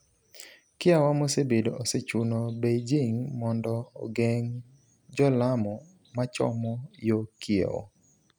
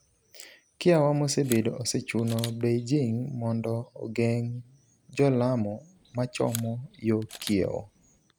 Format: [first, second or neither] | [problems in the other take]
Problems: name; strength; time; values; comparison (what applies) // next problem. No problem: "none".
first | background sound (Camera); 17 dB below the speech